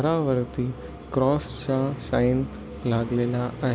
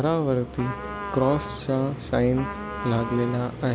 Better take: first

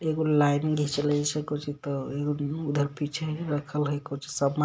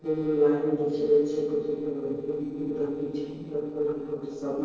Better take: first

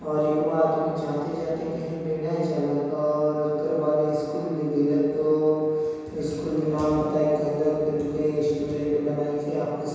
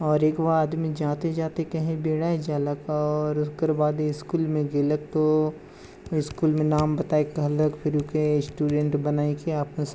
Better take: second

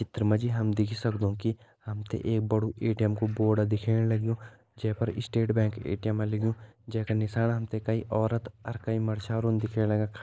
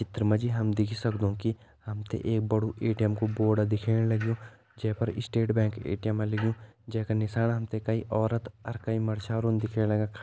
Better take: second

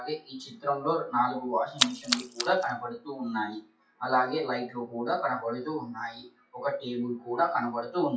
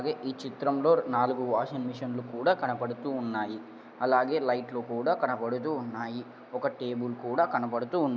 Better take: second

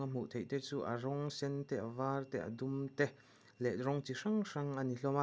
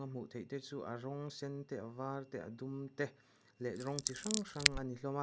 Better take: first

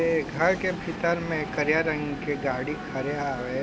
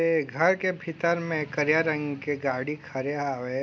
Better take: second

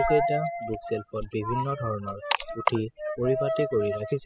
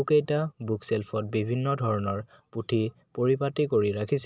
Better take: second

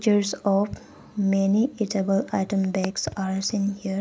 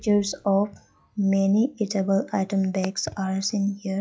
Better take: first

